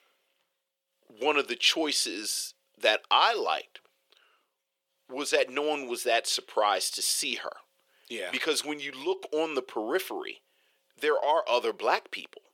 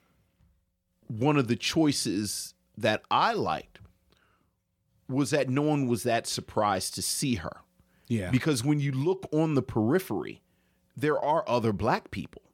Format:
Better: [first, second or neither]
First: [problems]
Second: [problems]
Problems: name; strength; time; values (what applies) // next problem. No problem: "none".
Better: second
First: thin; very; fading below 400 Hz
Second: none